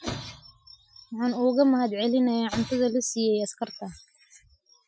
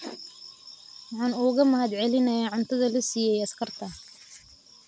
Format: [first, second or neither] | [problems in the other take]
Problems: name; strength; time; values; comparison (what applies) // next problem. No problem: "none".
second | noise reduction (classical method Wiener filter)